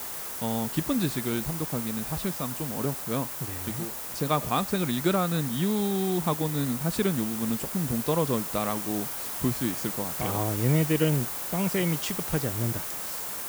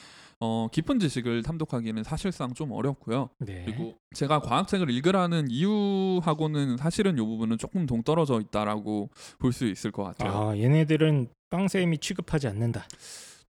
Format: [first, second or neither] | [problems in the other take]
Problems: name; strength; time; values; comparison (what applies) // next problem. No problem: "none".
second | hiss; loud; throughout; 3 dB below the speech